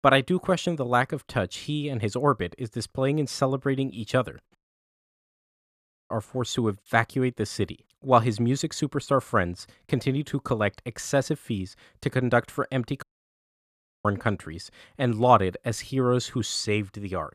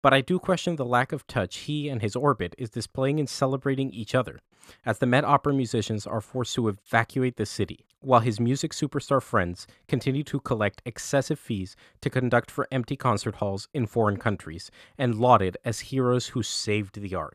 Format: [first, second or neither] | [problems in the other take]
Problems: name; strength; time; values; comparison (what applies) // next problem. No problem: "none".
second | audio cutting out; at 4.5 s for 1.5 s and at 13 s for 1 s